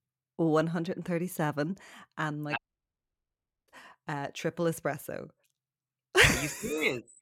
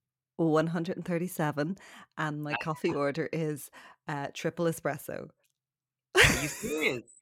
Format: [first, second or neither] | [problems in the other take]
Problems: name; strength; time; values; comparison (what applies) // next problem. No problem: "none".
second | audio cutting out; at 2.5 s for 1 s